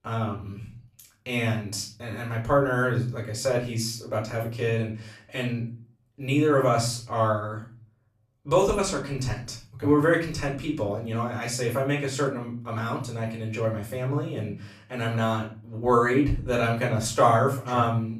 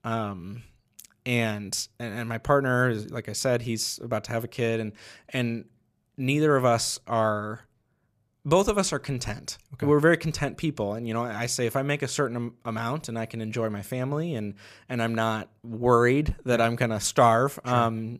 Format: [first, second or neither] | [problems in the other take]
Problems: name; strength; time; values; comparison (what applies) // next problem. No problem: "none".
second | off-mic speech; far // room echo; slight; dies away in 0.4 s